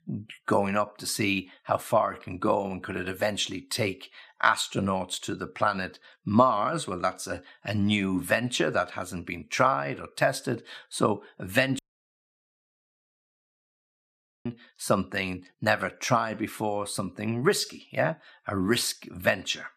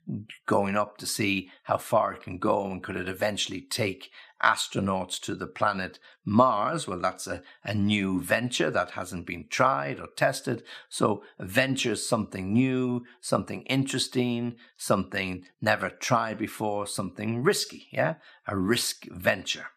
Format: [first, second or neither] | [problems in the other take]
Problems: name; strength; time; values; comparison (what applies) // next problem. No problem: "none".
second | audio cutting out; at 12 s for 2.5 s